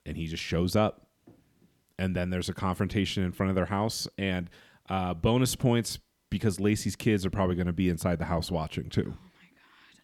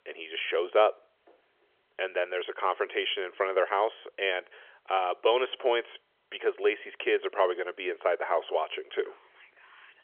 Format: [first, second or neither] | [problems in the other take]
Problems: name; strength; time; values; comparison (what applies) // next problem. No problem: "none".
first | phone-call audio; nothing above 3.5 kHz